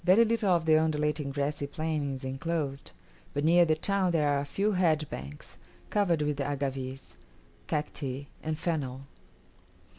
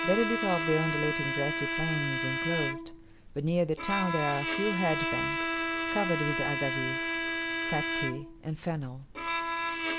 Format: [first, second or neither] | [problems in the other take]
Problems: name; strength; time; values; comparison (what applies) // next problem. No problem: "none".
first | background sound (Bowed string instrument); as loud as the speech